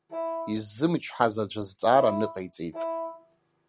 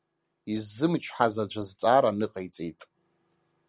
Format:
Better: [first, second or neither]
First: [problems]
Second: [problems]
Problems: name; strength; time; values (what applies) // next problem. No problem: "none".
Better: second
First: background sound (Wind instrument, woodwind instrument); 6 dB below the speech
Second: none